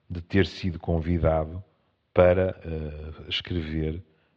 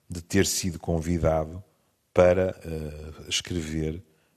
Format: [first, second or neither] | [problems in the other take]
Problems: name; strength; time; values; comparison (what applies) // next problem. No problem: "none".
second | muffled; slightly; fading above 4 kHz